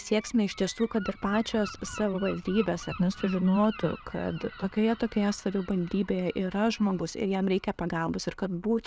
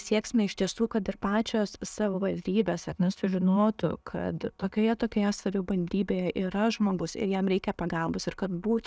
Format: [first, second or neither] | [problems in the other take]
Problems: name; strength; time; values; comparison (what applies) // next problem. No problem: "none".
second | background sound (Gull, seagull); 18 dB below the speech